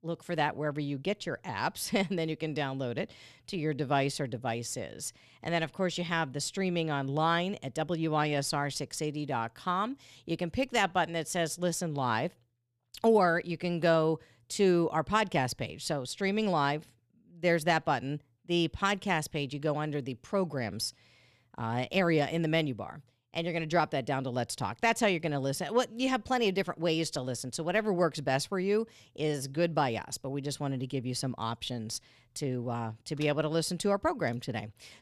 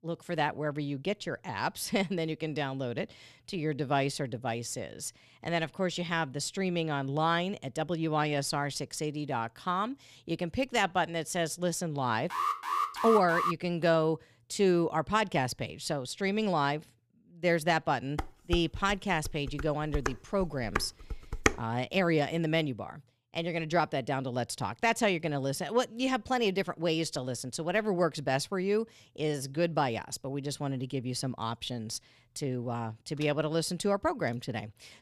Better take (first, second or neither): first